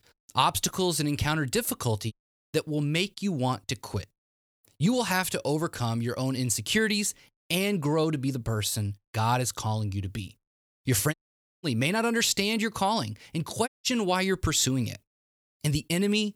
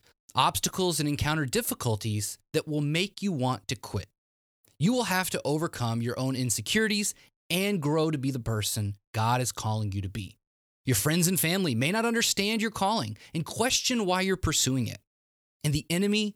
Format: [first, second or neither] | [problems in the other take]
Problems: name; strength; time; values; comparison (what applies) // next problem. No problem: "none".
second | audio cutting out; at 2 s, at 11 s and at 14 s